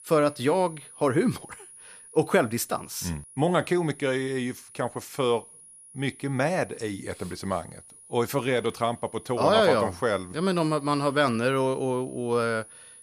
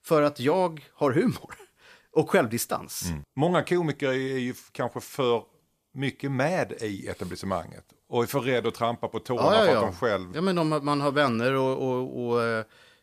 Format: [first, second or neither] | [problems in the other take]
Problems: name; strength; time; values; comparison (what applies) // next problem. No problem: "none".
second | high-pitched whine; noticeable; throughout; 10.5 kHz, 20 dB below the speech